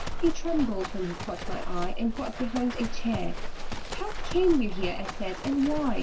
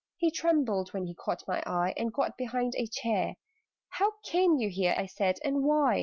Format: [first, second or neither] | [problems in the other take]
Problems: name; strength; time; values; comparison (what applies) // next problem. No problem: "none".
second | background sound (Livestock, farm animals, working animals); 1 dB below the speech // room echo; dies away in 0.2 s